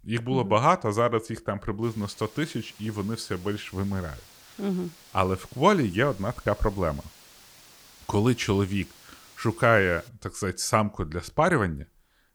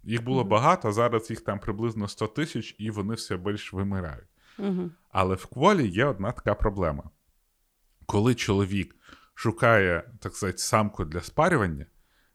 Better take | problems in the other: second | hiss; faint; from 2 to 10 s; 25 dB below the speech

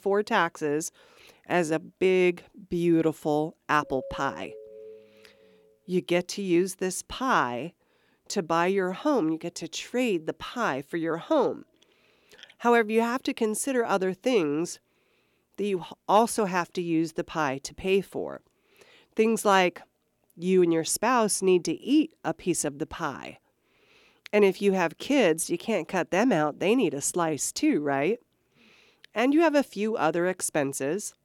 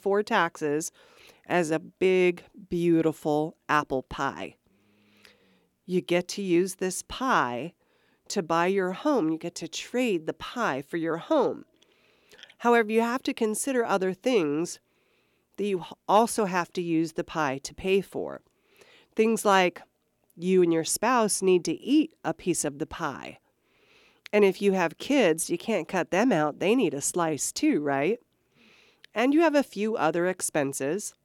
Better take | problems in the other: second | doorbell; faint; from 4 to 5.5 s; peak 15 dB below the speech

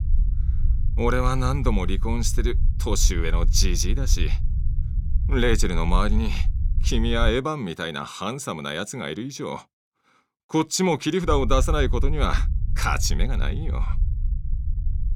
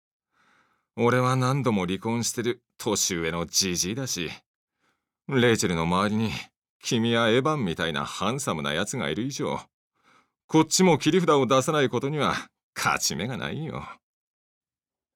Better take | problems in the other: second | low rumble; noticeable; until 7.5 s and from 11 s on; 20 dB below the speech

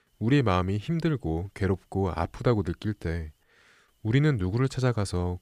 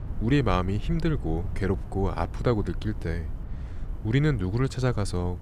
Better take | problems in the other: first | low rumble; noticeable; throughout; 20 dB below the speech

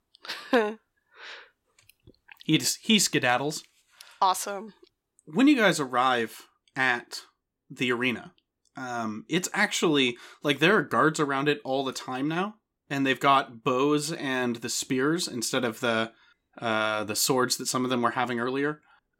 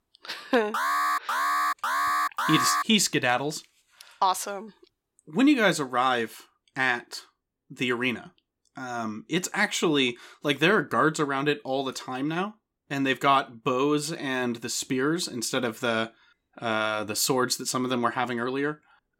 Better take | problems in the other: first | alarm; loud; from 0.5 to 3 s; peak 2 dB above the speech

